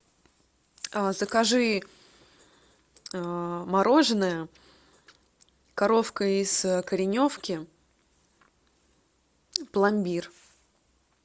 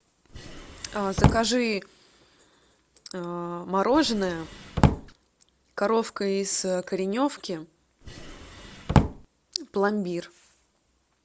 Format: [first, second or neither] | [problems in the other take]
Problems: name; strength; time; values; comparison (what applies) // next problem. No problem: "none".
first | background sound (Drawer open or close); 3 dB above the speech